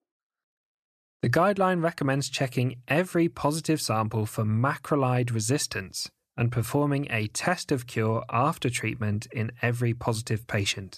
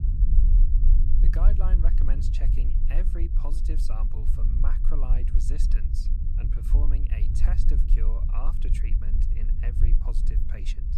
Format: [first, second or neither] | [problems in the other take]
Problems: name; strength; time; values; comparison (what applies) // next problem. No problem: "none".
first | low rumble; loud; throughout; 2 dB below the speech